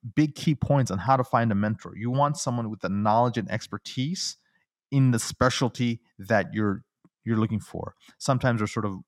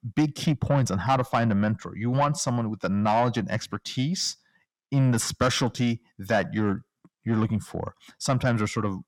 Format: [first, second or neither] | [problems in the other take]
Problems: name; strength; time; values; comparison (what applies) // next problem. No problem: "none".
first | distortion; slight; 10 dB below the speech